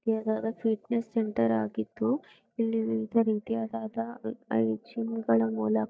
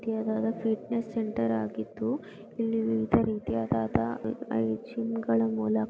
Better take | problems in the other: second | noise reduction (neural mask model DeepFilterNet 3)

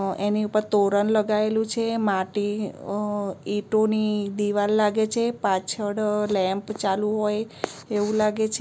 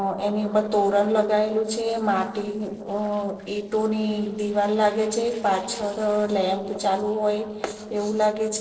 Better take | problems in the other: first | noise reduction (neural separator model SepFormer DNS4)

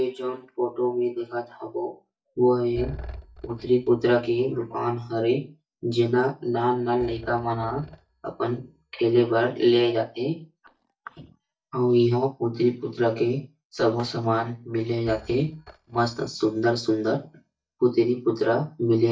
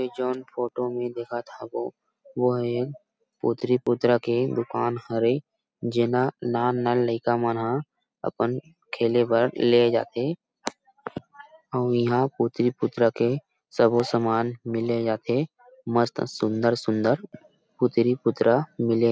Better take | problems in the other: second | noise reduction (neural mask model DeepFilterNet 3)

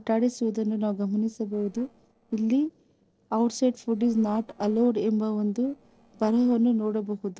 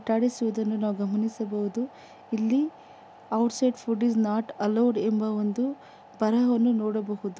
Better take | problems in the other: second | noise reduction (neural separator model SepFormer DNS4)

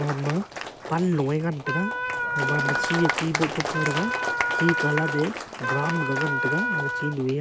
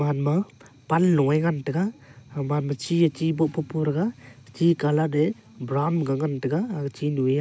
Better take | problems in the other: second | background sound (Wind instrument, woodwind instrument + Applause); 1 dB below the speech

